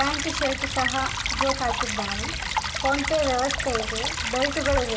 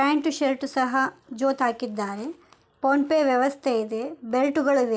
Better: second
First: background sound (Stream / Trickle, dribble); as loud as the speech // room echo; dies away in 2.7 s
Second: none

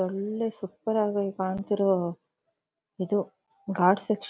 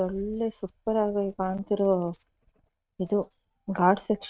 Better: first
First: none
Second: noise reduction (neural mask model RNNoise)

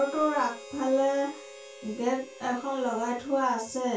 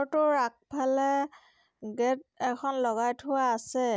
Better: second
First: background sound (Harmonica); 17 dB below the speech // room echo; dies away in 0.2 s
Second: none

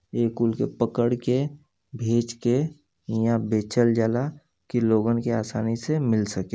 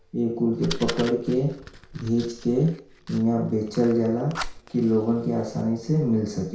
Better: first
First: none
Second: background sound (Fire); 15 dB below the speech // room echo; dies away in 0.6 s

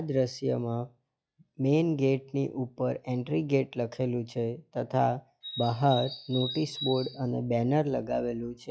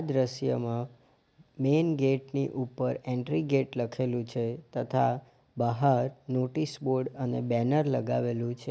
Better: second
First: noise reduction (classical method log-MMSE)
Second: none

